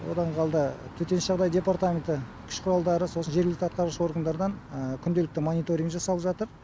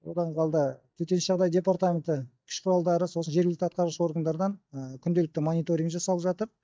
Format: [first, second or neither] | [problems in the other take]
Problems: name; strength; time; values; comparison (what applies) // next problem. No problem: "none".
first | noise reduction (neural mask model DeepFilterNet 3)